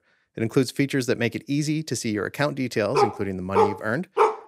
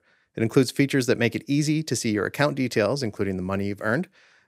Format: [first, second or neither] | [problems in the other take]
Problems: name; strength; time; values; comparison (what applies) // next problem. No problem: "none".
second | dog barking; loud; from 3 s on; peak 4 dB above the speech